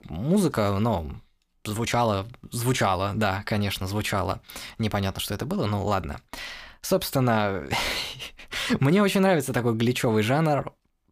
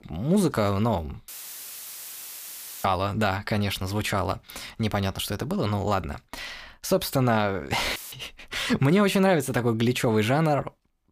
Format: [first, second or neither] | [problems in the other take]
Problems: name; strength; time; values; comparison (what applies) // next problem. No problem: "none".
first | audio cutting out; filled with static; at 1.5 s for 1.5 s and at 8 s